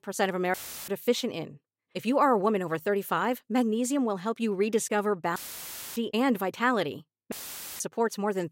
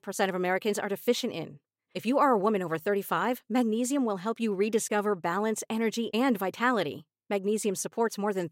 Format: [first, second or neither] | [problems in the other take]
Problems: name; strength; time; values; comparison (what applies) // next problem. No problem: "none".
second | audio cutting out; filled with static; at 0.5 s, at 5.5 s for 0.5 s and at 7.5 s